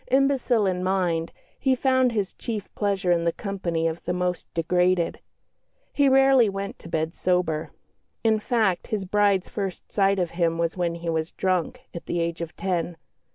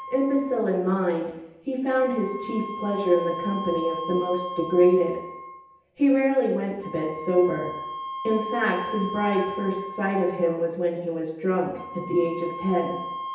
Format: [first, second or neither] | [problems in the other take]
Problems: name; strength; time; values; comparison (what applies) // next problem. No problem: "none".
first | background sound (Wind instrument, woodwind instrument); 11 dB below the speech // room echo; dies away in 0.9 s